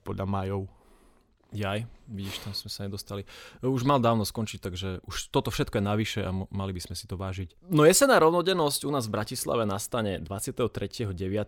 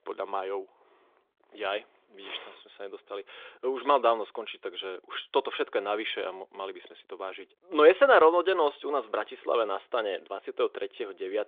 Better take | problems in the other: first | phone-call audio

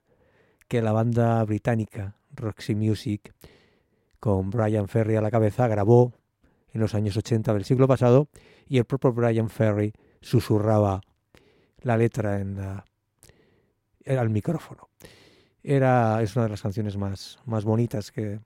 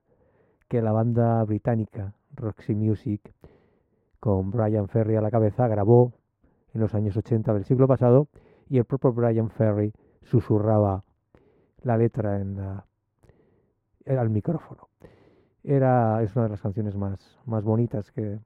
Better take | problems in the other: first | muffled; very; fading above 2 kHz

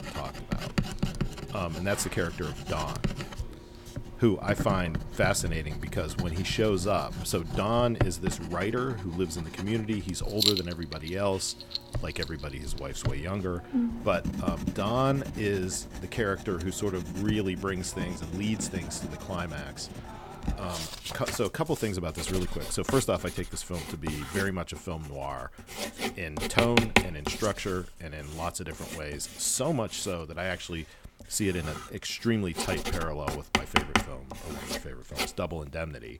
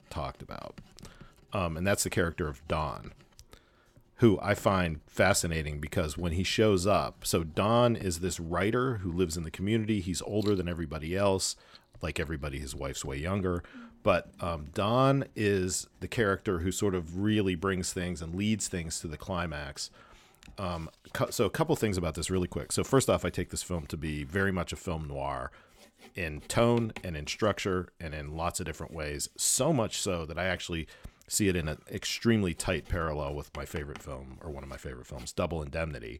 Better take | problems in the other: second | household noises; loud; throughout; 3 dB below the speech; faint in the second

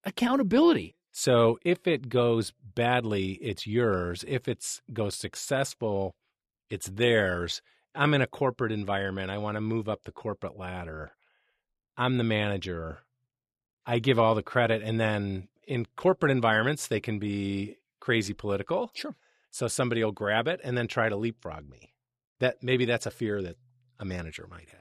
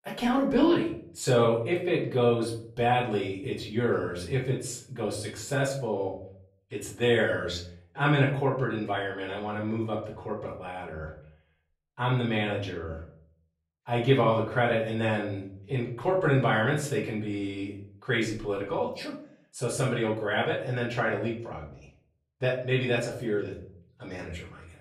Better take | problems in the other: first | room echo; slight; dies away in 0.5 s // off-mic speech; far

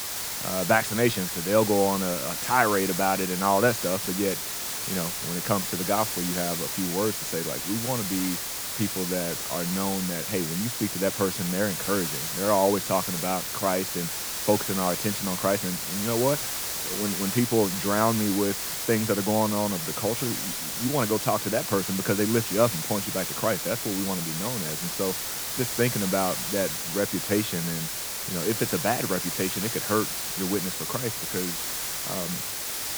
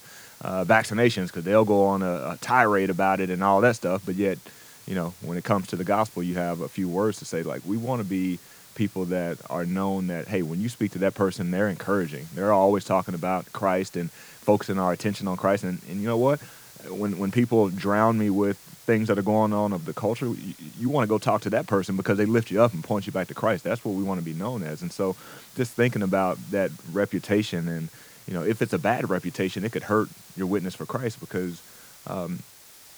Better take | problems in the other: second | hiss; loud; throughout; 1 dB below the speech; faint in the second

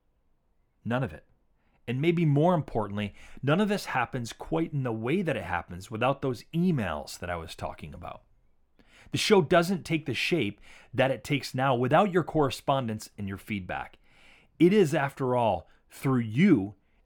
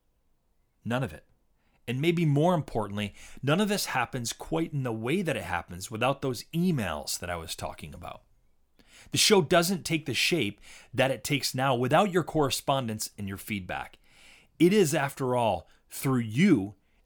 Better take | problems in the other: second | muffled; slightly; fading above 3.5 kHz

